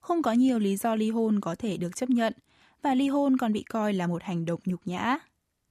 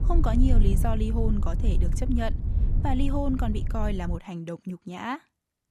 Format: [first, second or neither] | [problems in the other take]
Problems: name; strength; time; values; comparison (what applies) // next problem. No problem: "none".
first | wind noise on the microphone; heavy; until 4 s; 10 dB below the speech